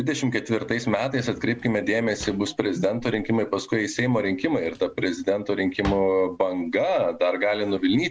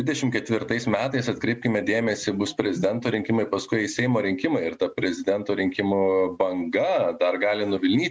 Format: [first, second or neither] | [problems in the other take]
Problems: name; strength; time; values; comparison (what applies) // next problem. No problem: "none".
second | background sound (Drawer open or close); 20 dB below the speech